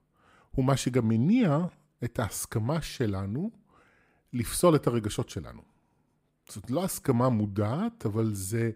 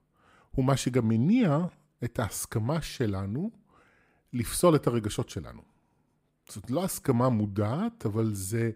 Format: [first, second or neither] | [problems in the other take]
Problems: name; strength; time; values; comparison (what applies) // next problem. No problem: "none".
neither | none